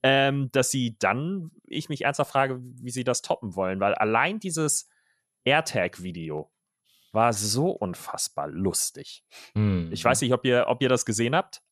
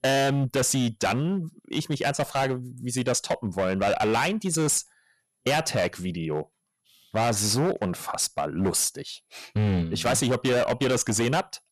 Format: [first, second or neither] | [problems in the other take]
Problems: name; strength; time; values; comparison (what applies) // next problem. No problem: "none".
first | distortion; heavy; 16% of the sound clipped